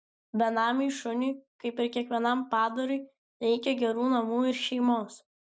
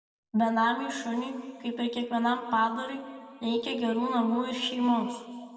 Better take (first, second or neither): first